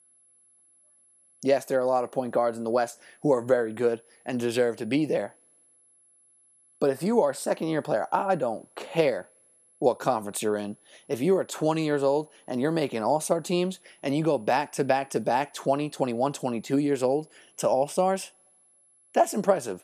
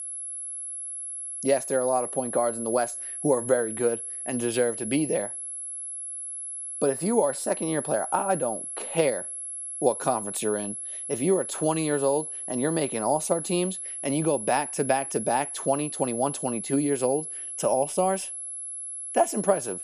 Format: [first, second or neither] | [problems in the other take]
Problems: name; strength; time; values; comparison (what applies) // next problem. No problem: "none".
first | high-pitched whine; loud; throughout; 11 kHz, 6 dB below the speech; faint in the first